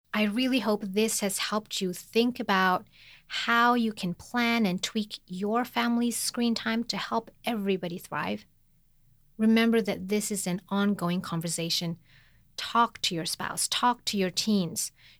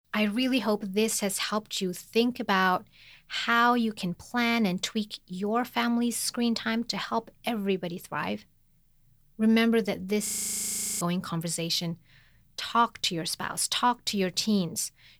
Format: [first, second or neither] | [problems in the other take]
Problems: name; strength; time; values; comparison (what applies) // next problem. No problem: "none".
first | audio freezing; at 10 s for 0.5 s